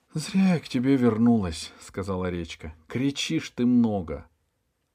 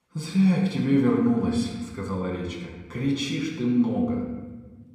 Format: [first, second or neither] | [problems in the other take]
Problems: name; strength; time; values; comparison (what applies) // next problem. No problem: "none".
first | off-mic speech; far // room echo; noticeable; dies away in 1.2 s